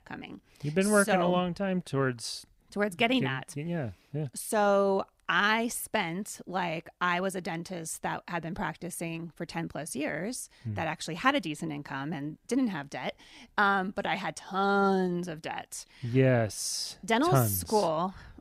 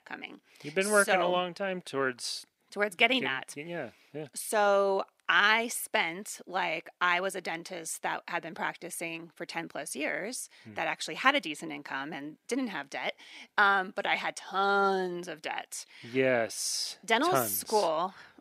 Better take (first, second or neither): first